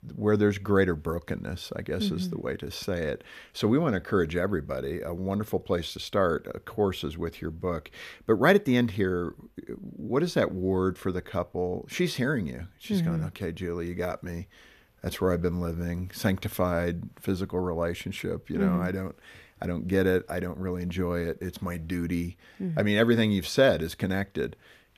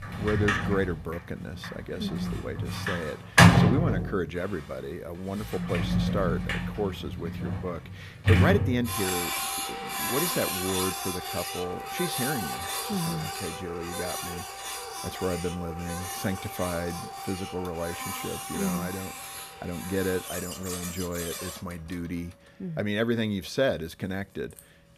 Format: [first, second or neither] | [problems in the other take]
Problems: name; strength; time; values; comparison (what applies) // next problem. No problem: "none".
first | household noises; very loud; throughout; 3 dB above the speech